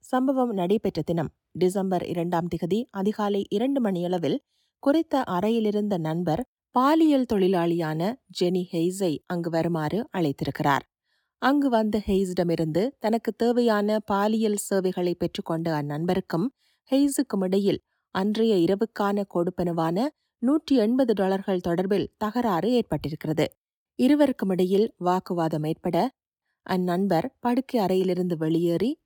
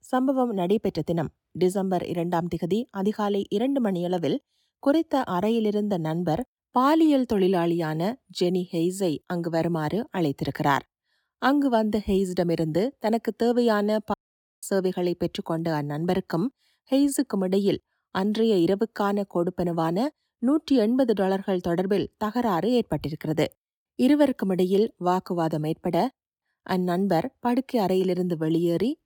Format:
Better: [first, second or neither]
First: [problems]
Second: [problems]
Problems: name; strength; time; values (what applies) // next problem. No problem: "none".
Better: first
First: none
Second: audio cutting out; at 14 s